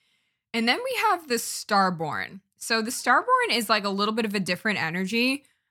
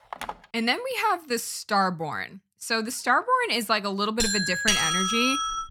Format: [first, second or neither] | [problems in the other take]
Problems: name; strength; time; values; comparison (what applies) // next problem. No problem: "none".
first | phone ringing; faint; at the start; peak 10 dB below the speech // doorbell; loud; from 4 s on; peak 4 dB above the speech